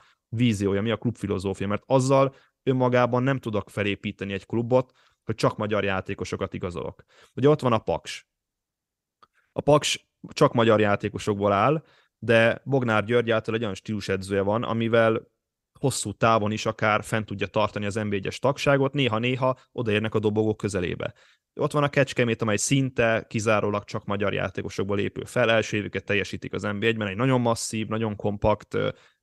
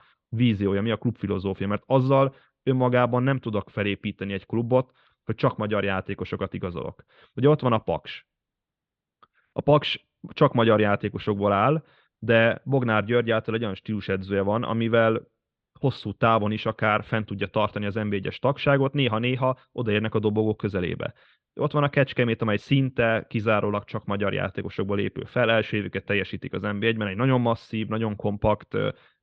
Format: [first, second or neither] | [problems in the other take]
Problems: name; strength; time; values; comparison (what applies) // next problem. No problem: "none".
first | muffled; very; fading above 3.5 kHz